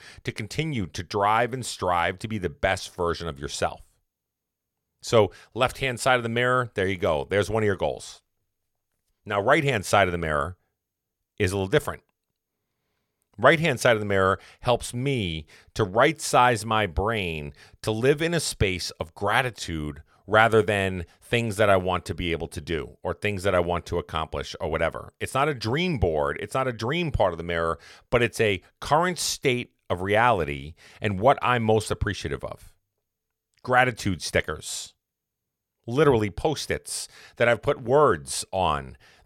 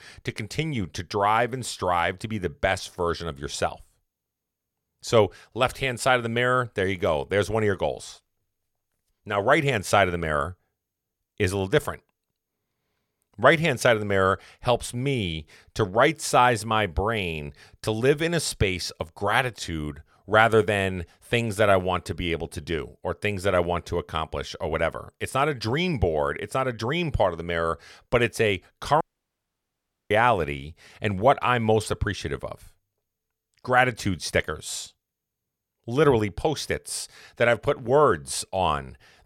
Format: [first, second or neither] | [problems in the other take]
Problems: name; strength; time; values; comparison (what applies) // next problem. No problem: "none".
first | audio cutting out; at 29 s for 1 s